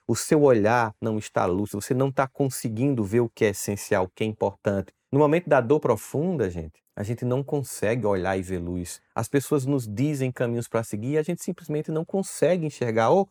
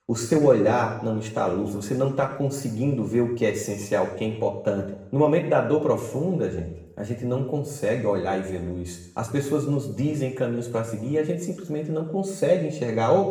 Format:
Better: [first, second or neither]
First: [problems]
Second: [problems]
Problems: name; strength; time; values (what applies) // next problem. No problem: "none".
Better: first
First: none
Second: room echo; slight; dies away in 0.8 s // off-mic speech; far